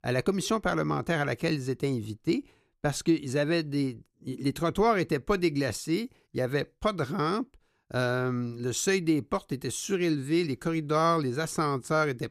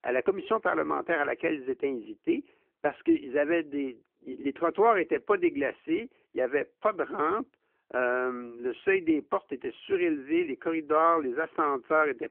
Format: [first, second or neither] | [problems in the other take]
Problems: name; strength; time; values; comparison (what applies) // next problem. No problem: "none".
first | phone-call audio